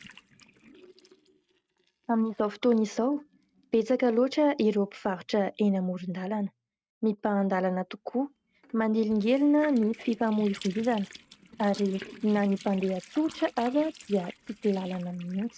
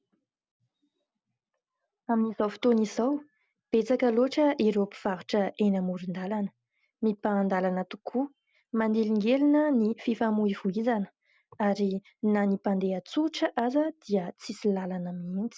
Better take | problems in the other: second | noise reduction (neural mask model RNNoise)

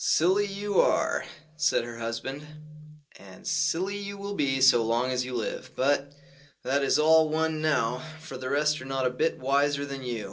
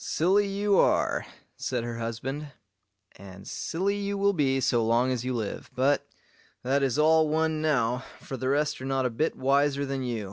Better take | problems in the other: second | room echo; dies away in 0.2 s

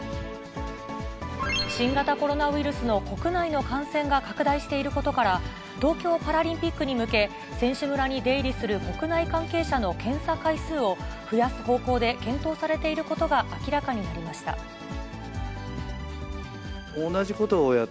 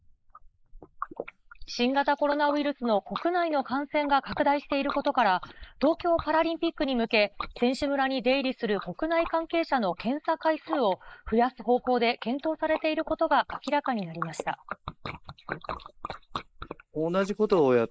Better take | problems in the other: first | noise reduction (neural mask model Resemble Enhance denoiser)

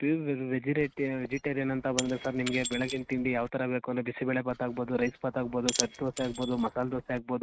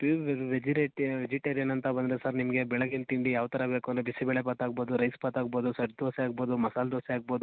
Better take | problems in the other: second | noise reduction (neural mask model RNNoise)

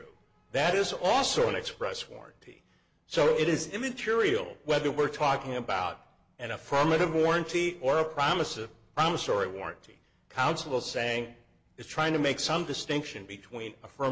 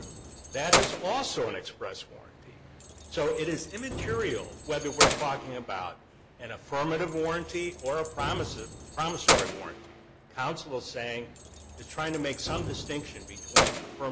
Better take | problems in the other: first | background sound (Keys jangling); 1 dB above the speech

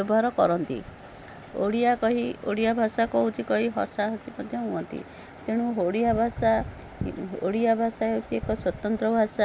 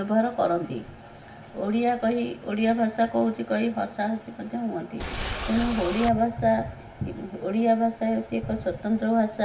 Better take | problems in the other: first | background sound (Boat, Water vehicle); 5 dB below the speech // room echo; dies away in 0.6 s

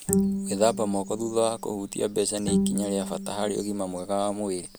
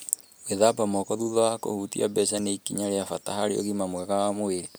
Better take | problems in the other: second | background sound (Bowed string instrument); 3 dB below the speech

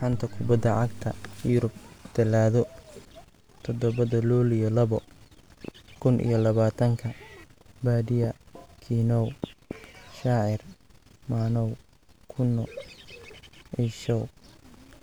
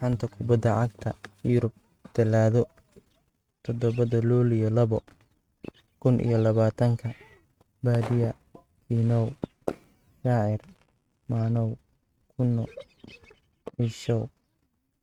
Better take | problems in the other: first | noise reduction (neural mask model RNNoise)

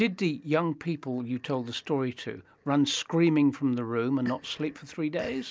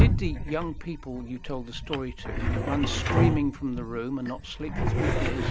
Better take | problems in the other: first | background sound (Drawer open or close); 4 dB above the speech

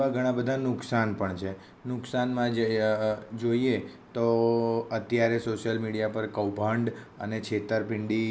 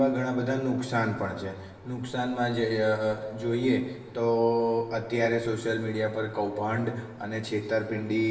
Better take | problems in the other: first | room echo; dies away in 1.4 s

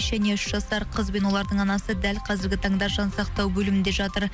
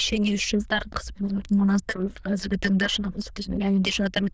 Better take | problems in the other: first | noise reduction (neural diffusion model UNIVERSE++)

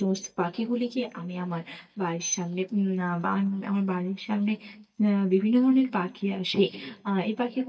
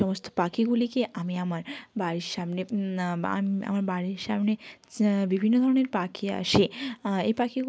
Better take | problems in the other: second | noise reduction (neural mask model DeepFilterNet 3)

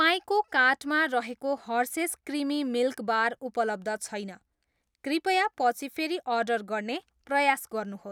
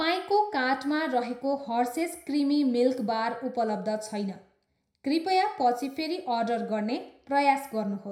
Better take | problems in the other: first | room echo; dies away in 0.4 s

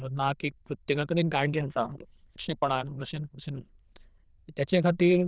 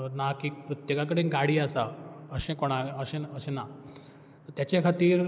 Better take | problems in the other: second | noise reduction (neural diffusion model UNIVERSE++)

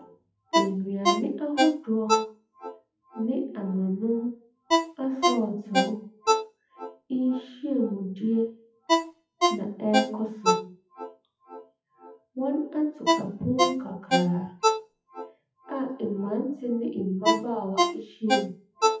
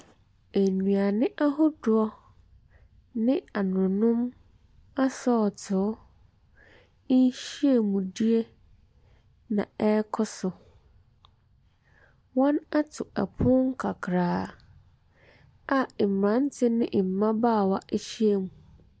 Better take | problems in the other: second | noise reduction (classical method WPE with log-MMSE)

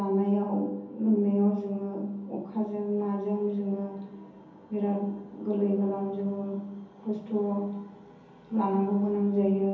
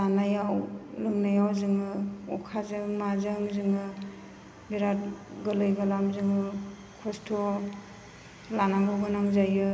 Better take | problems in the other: second | room echo; dies away in 0.5 s

